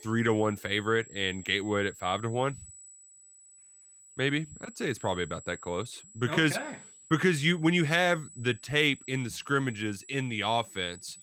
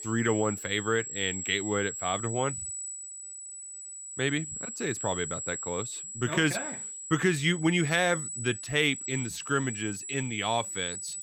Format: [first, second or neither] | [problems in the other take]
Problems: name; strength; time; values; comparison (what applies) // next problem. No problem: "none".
first | high-pitched whine; loud; throughout; 7.5 kHz, 7 dB below the speech; faint in the first